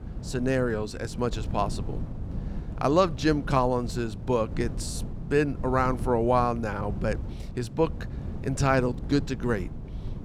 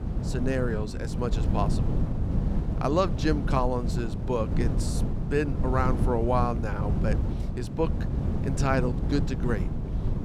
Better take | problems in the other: first | wind noise on the microphone; heavy; 8 dB below the speech; occasional gusts in the first

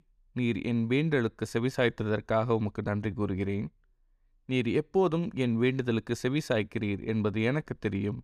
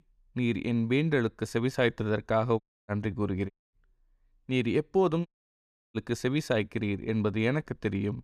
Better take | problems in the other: first | audio cutting out; at 2.5 s, at 3.5 s and at 5.5 s for 0.5 s

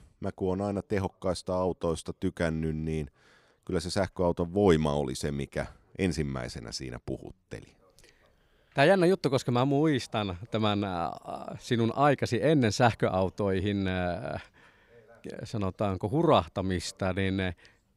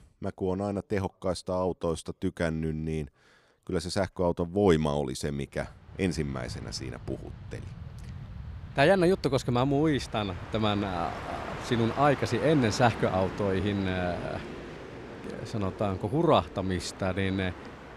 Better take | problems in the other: first | train or aircraft noise; noticeable; from 6 s on; 10 dB below the speech

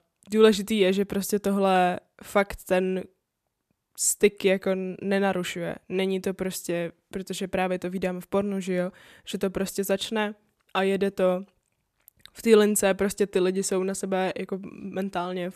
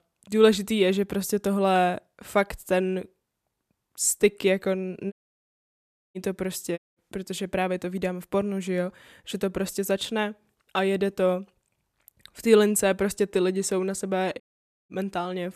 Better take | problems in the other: first | audio cutting out; at 5 s for 1 s, at 7 s and at 14 s

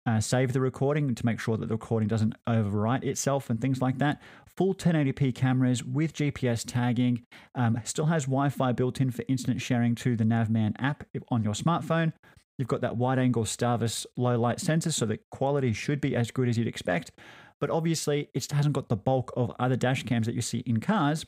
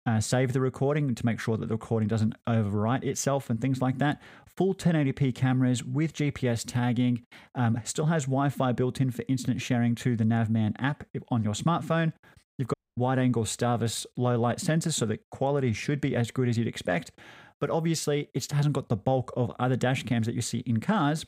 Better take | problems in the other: first | audio cutting out; at 13 s

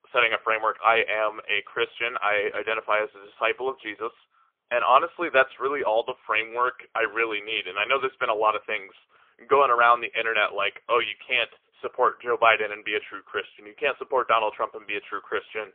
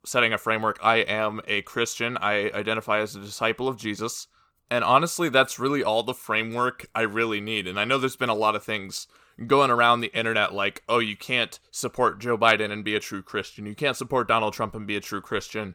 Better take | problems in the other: second | phone-call audio; poor line; nothing above 3.5 kHz

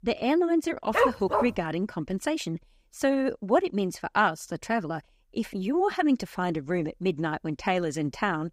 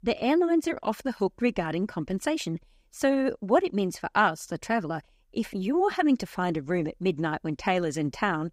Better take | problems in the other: second | dog barking; loud; at 1 s; peak 3 dB above the speech

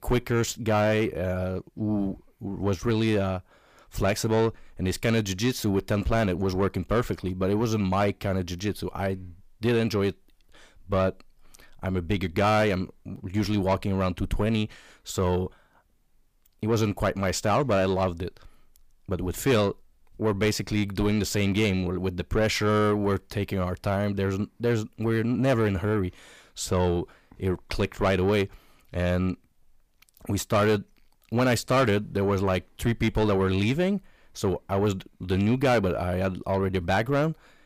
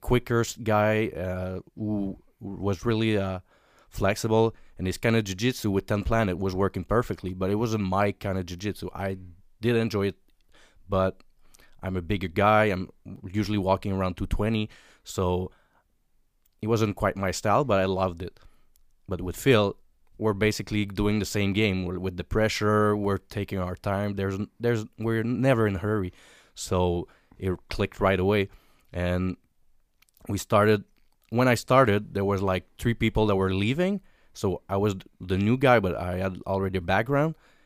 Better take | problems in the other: second | distortion; slight; 10 dB below the speech

